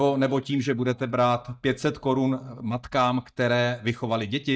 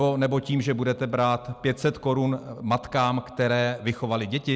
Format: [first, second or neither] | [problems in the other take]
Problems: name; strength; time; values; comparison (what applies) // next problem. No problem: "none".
second | noise reduction (neural mask model DeepFilterNet 3)